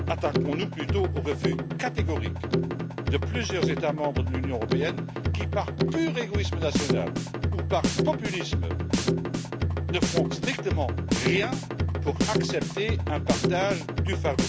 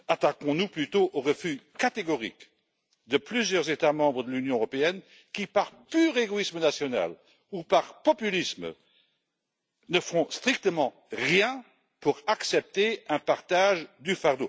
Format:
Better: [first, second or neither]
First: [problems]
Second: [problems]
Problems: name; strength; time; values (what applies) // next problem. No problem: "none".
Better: second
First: background sound (Drum kit); 4 dB above the speech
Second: none